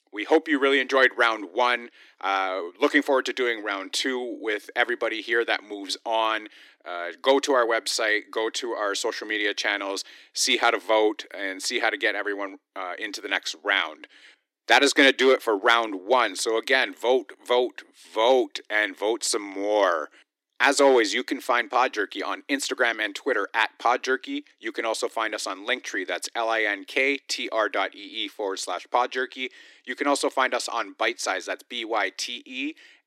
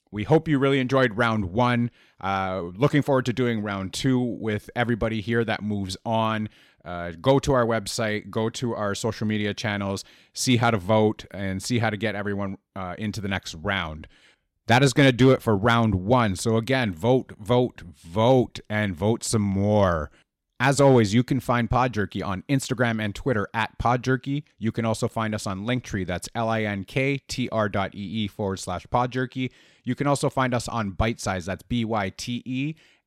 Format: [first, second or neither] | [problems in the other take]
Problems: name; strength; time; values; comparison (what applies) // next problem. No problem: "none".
second | thin; somewhat; fading below 300 Hz